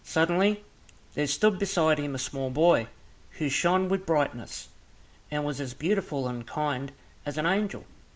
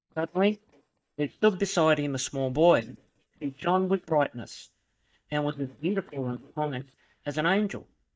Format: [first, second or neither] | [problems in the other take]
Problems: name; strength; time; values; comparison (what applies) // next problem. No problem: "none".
first | noise reduction (neural mask model DeepFilterNet 3)